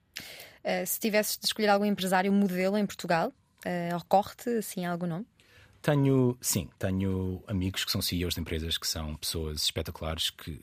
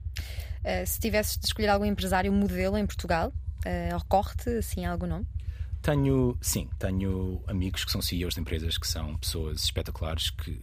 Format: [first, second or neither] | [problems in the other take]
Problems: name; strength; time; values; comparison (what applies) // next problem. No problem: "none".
first | low rumble; faint; throughout; 25 dB below the speech